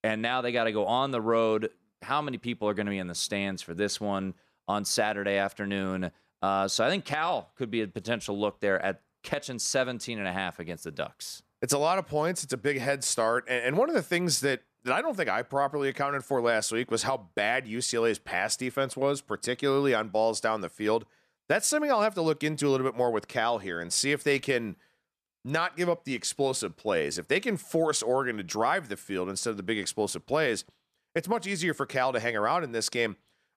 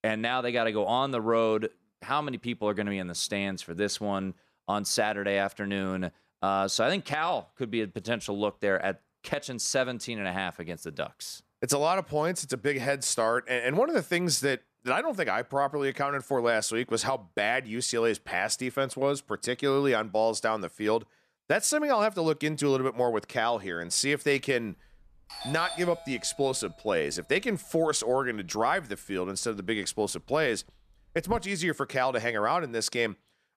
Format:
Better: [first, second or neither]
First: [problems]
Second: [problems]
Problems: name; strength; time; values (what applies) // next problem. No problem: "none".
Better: first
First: none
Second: doorbell; noticeable; from 25 to 31 s; peak 8 dB below the speech